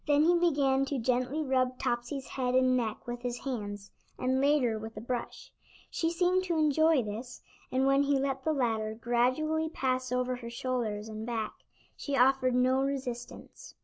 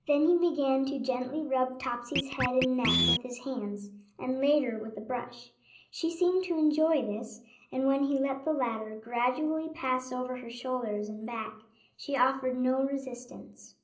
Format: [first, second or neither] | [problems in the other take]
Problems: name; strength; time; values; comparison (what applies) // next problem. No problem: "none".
first | background sound (Scratching (performance technique)); 3 dB below the speech // room echo; dies away in 0.5 s